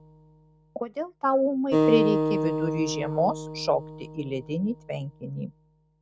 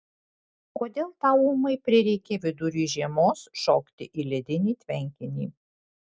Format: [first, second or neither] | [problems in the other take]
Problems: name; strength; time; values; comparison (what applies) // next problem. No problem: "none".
second | background sound (Acoustic guitar); 1 dB below the speech